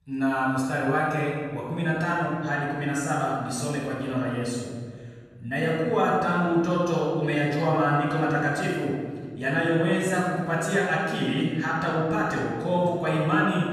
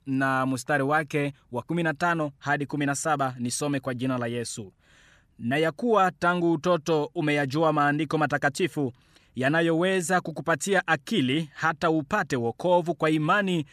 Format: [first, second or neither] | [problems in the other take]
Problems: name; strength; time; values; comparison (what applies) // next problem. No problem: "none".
second | off-mic speech; far // room echo; strong; dies away in 1.7 s